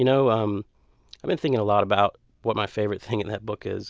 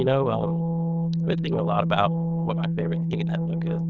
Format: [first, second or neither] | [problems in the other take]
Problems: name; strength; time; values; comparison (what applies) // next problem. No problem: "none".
first | noise reduction (neural diffusion model UNIVERSE++)